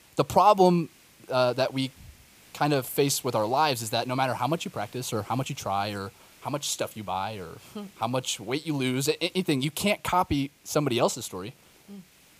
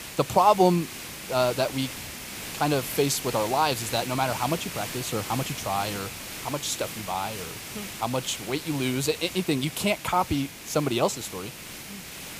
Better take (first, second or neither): first